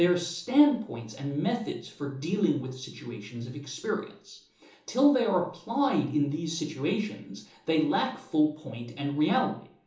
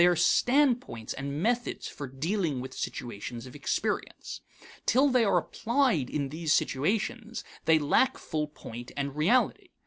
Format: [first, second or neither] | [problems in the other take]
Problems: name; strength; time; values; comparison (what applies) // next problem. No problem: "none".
second | room echo; dies away in 1.2 s